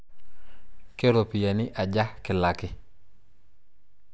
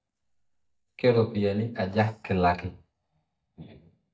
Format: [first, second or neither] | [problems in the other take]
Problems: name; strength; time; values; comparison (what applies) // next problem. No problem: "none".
first | noise reduction (neural mask model DeepFilterNet 3)